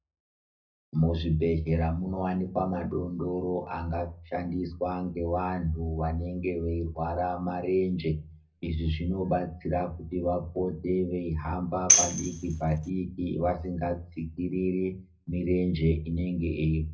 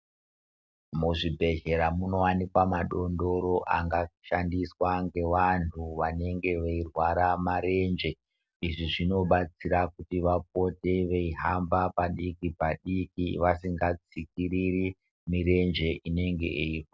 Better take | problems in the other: second | background sound (Tambourine); 3 dB above the speech // room echo; dies away in 0.4 s

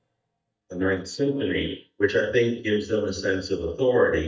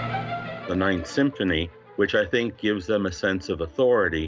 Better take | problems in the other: second | noise reduction (neural mask model DeepFilterNet 3)

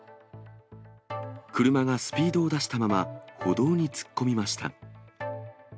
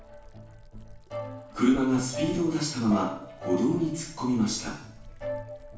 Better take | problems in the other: first | background sound (Liquid); 20 dB below the speech // room echo; dies away in 0.7 s

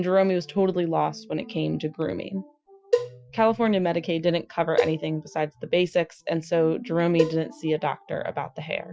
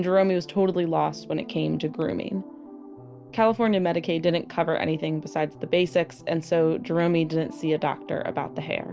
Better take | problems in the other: second | noise reduction (classical method Wiener filter)

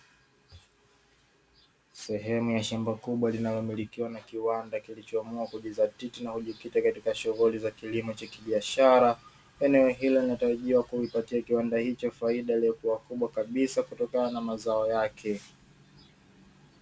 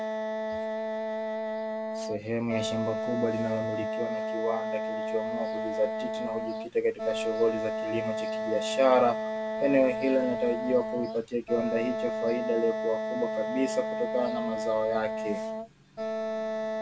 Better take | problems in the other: first | background sound (Wind instrument, woodwind instrument); 2 dB below the speech

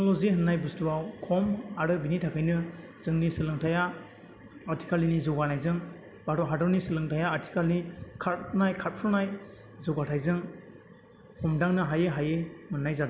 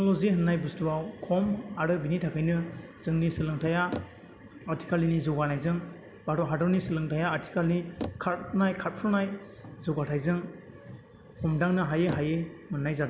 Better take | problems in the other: first | background sound (Bicycle); 18 dB below the speech

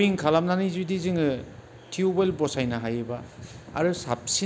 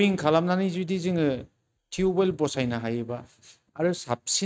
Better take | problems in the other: first | noise reduction (neural mask model RNNoise)

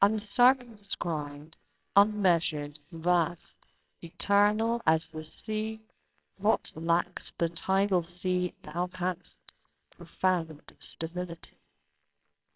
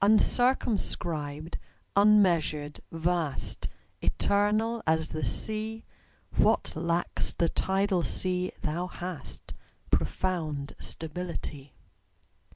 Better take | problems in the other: second | noise reduction (neural separator model SepFormer WHAMR!)

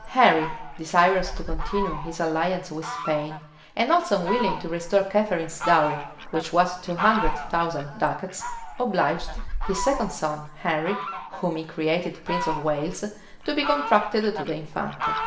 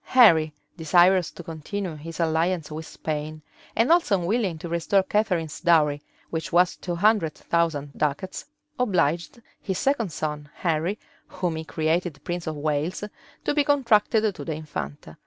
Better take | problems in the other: second | background sound (Fowl); 7 dB below the speech // room echo; dies away in 0.7 s

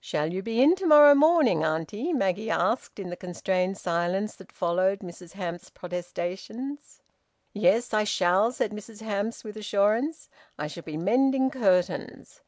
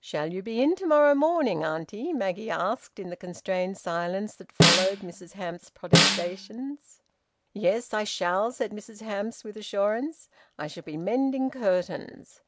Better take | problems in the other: first | background sound (Snare drum); 3 dB above the speech

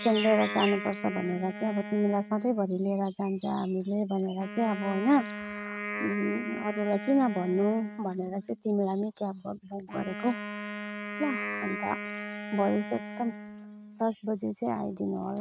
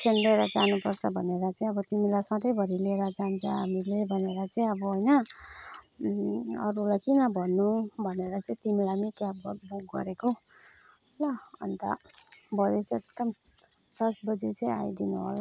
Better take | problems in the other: second | noise reduction (neural mask model RNNoise)

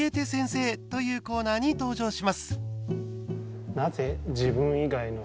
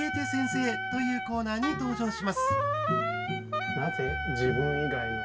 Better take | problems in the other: first | background sound (Wind instrument, woodwind instrument); 1 dB below the speech // room echo; dies away in 0.1 s

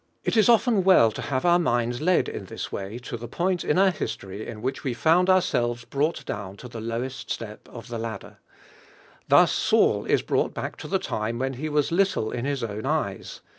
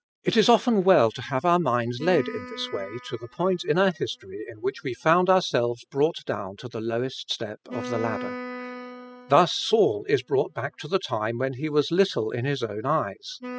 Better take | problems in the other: first | noise reduction (classical method spectral subtraction)

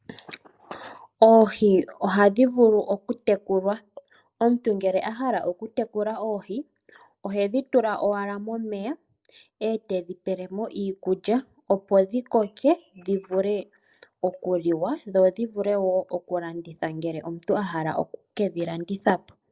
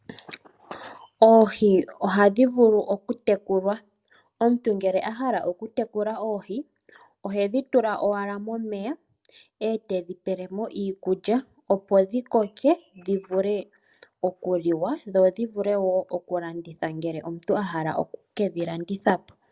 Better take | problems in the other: second | noise reduction (neural mask model Resemble Enhance denoiser)

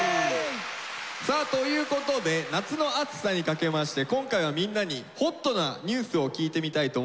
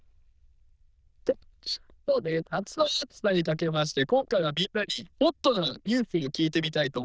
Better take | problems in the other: first | noise reduction (neural diffusion model UNIVERSE++)

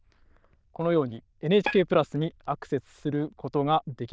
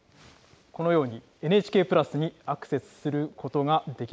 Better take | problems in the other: second | noise reduction (neural diffusion model UNIVERSE++)

